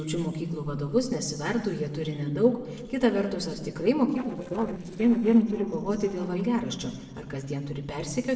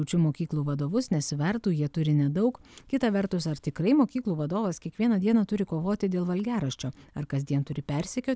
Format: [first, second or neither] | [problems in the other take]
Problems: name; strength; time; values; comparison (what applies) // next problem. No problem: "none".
second | noise reduction (neural separator model SepFormer DNS4)